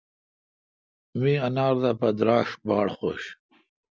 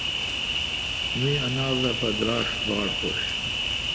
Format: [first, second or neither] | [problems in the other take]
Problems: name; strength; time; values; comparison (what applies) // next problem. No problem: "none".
first | background sound (Cricket); 2 dB above the speech // room echo; dies away in 1.4 s